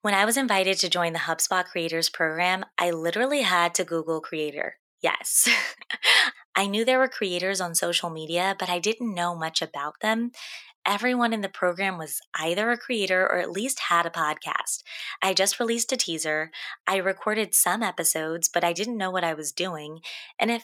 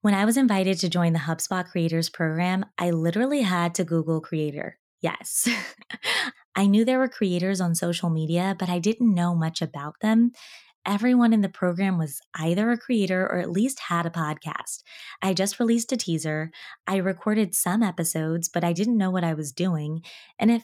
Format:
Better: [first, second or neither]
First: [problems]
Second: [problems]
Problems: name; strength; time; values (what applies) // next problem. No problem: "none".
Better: second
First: thin; somewhat; fading below 500 Hz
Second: none